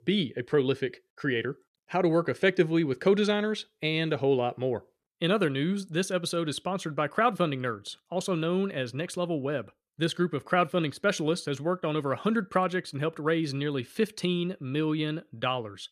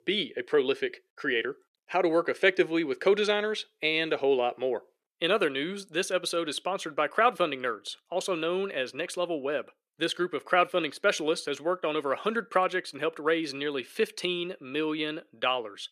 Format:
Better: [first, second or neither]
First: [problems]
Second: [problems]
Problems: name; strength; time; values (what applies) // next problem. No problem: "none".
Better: first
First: none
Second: thin; somewhat; fading below 400 Hz